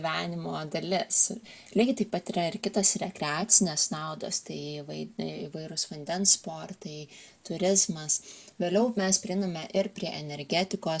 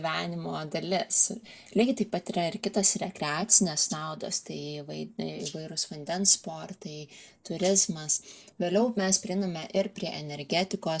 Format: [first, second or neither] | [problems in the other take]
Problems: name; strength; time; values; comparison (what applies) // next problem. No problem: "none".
first | noise reduction (neural mask model Resemble Enhance denoiser)